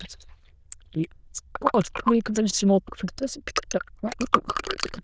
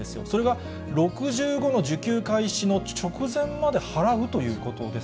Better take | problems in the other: second | noise reduction (neural diffusion model UNIVERSE++)

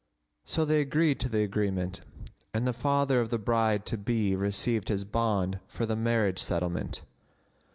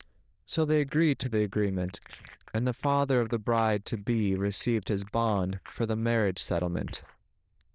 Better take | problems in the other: first | noise reduction (neural diffusion model UNIVERSE++)

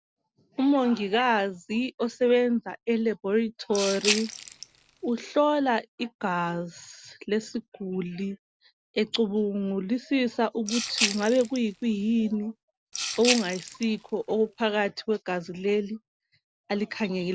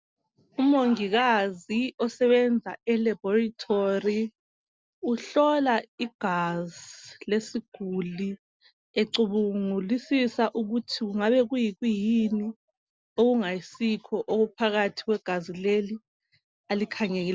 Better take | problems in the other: second | background sound (Rattle (instrument)); 6 dB below the speech

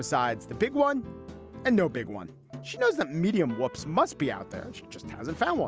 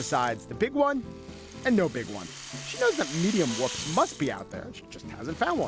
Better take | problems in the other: first | background sound (Rattle (instrument)); 13 dB below the speech

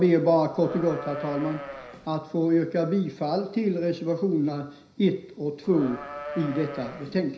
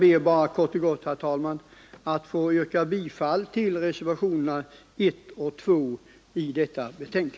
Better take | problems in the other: second | background sound (Livestock, farm animals, working animals); 12 dB below the speech // room echo; dies away in 0.5 s

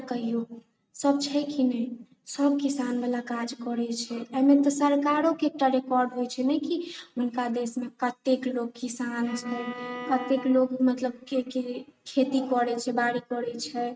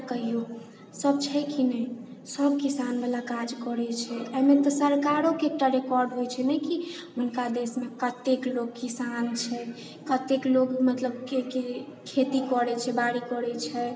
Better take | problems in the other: second | noise reduction (neural mask model RNNoise)

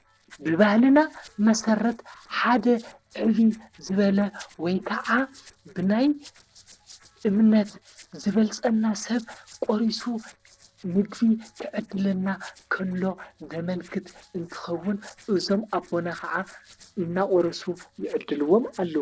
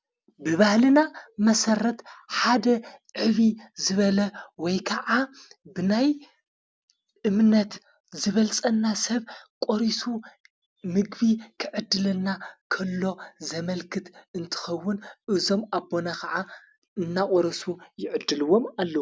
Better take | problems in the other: second | noise reduction (neural separator model SepFormer DNS4)

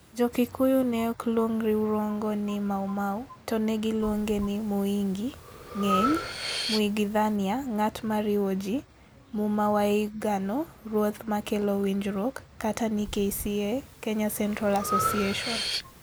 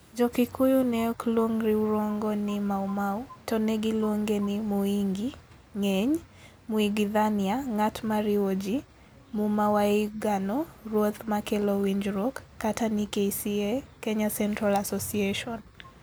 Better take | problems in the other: second | background sound (Breathing); 10 dB below the speech

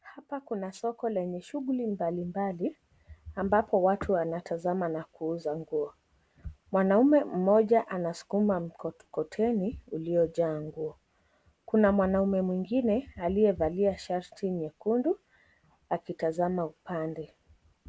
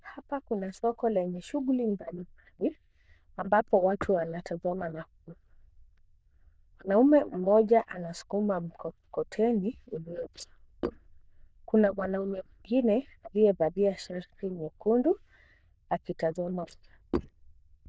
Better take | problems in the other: first | noise reduction (neural diffusion model UNIVERSE++)

